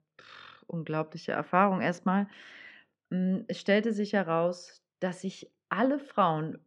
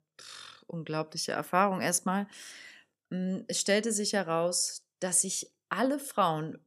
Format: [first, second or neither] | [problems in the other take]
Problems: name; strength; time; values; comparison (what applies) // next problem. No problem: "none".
second | muffled; very; fading above 3 kHz